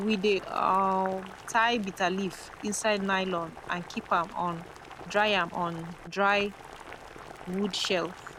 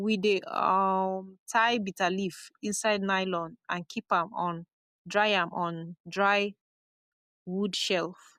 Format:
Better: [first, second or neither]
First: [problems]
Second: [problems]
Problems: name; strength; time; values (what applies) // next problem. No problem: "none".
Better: second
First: background sound (Boiling); 15 dB below the speech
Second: none